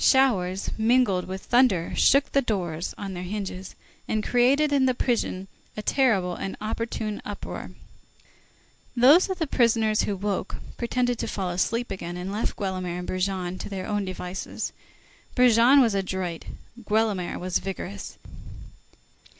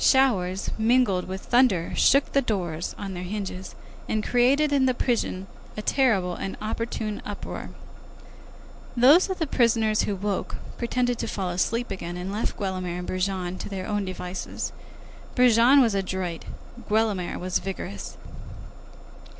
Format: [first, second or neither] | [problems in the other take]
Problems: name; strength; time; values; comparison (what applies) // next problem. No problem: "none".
first | background sound (Bus); 12 dB below the speech